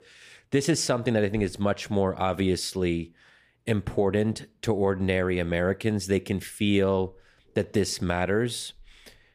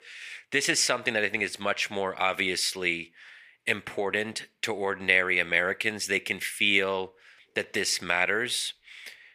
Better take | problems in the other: first | thin; somewhat; fading below 1 kHz

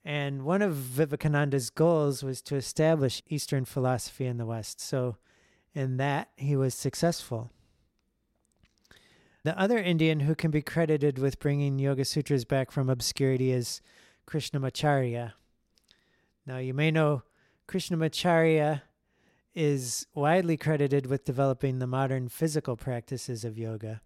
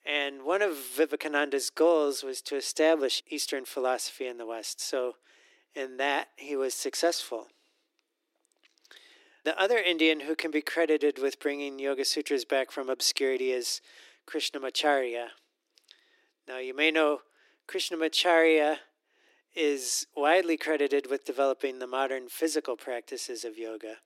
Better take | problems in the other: first | thin; very; fading below 300 Hz

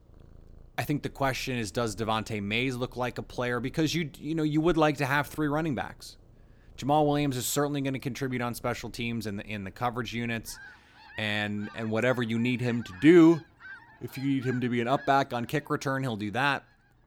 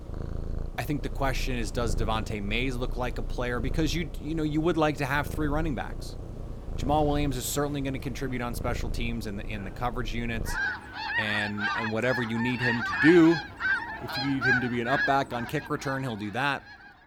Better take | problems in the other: first | animal sounds; loud; throughout; 4 dB below the speech; faint in the first

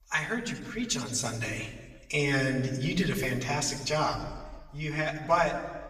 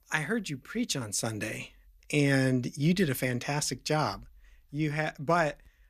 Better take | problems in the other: second | room echo; slight; dies away in 1.2 s // off-mic speech; far

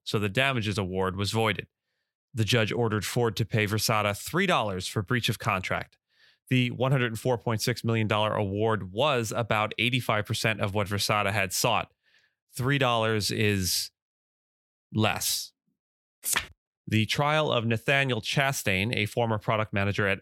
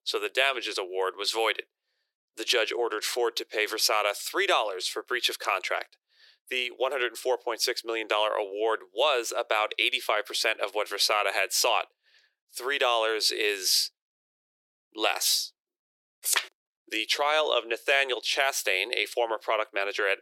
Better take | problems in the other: first | thin; very; fading below 350 Hz

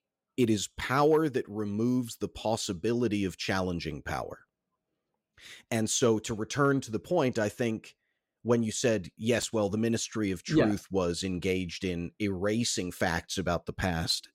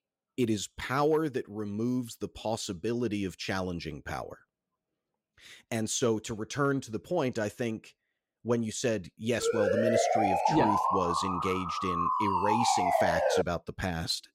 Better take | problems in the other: first | siren; loud; from 9.5 to 13 s; peak 6 dB above the speech

